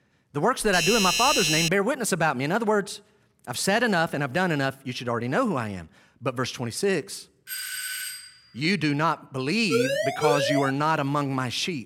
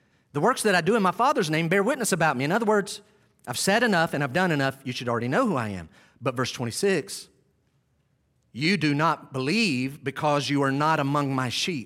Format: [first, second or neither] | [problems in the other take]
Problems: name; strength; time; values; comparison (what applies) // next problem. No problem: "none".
second | doorbell; loud; from 0.5 to 1.5 s; peak 4 dB above the speech // doorbell; noticeable; at 7.5 s; peak 5 dB below the speech // siren; loud; from 9.5 to 11 s; peak 1 dB above the speech